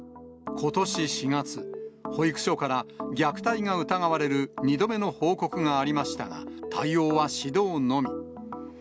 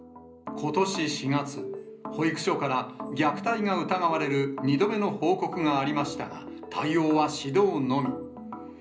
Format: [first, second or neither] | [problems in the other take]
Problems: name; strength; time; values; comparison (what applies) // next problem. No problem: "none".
first | room echo; dies away in 0.5 s